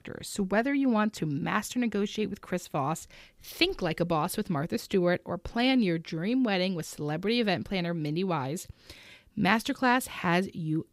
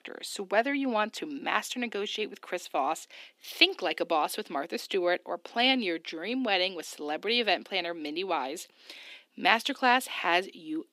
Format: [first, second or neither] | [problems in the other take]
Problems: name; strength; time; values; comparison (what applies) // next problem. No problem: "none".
first | thin; somewhat; fading below 250 Hz